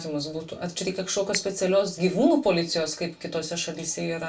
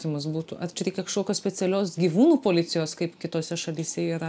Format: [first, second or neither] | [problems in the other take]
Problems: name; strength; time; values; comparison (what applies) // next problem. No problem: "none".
second | background sound (Finger snapping); 20 dB below the speech // room echo; dies away in 0.2 s